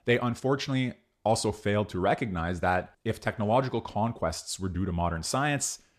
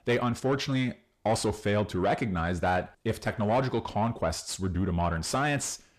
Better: first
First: none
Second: distortion; slight; 10 dB below the speech

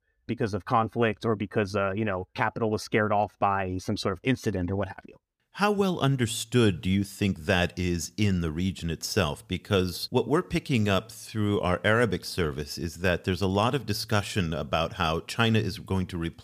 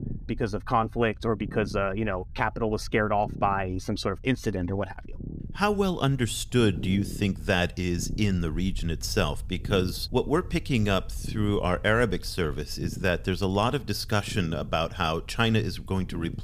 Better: first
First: none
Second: low rumble; faint; throughout; 20 dB below the speech

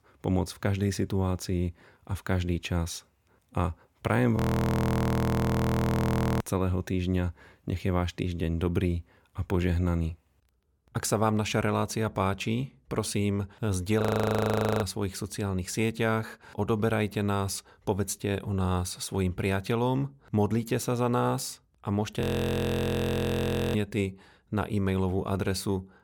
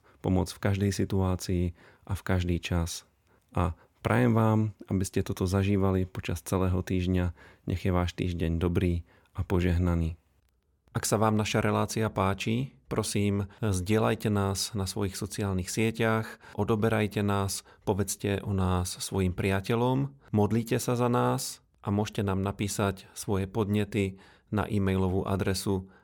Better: second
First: audio freezing; at 4.5 s for 2 s, at 14 s for 1 s and at 22 s for 1.5 s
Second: none

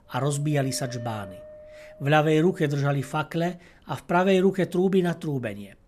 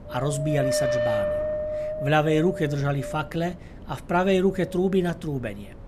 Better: first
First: wind noise on the microphone; occasional gusts; 20 dB below the speech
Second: wind noise on the microphone; heavy; as loud as the speech

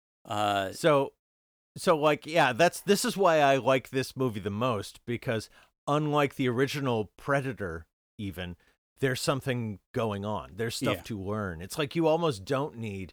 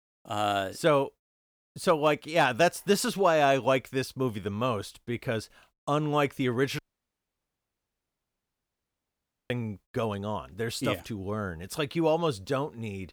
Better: first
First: none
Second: audio cutting out; at 7 s for 2.5 s

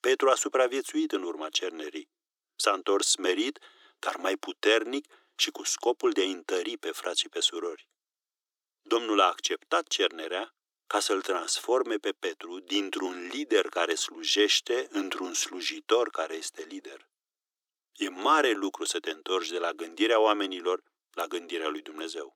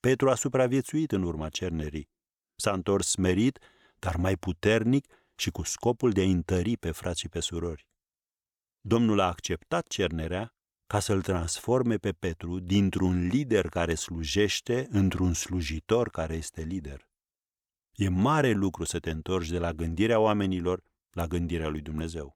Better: second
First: thin; very; fading below 300 Hz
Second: none

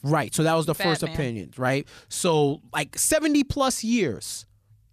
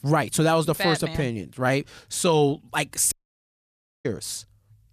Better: first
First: none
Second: audio cutting out; at 3 s for 1 s

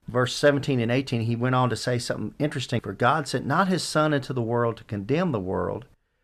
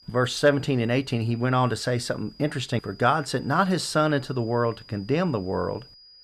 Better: first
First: none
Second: high-pitched whine; faint; throughout; 5 kHz, 25 dB below the speech

